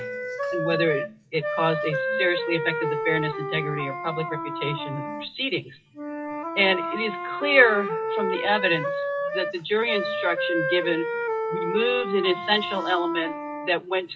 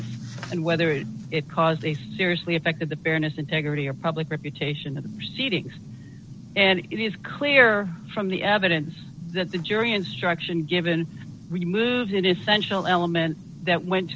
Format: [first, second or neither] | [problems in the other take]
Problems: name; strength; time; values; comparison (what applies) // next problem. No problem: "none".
second | noise reduction (classical method WPE with log-MMSE)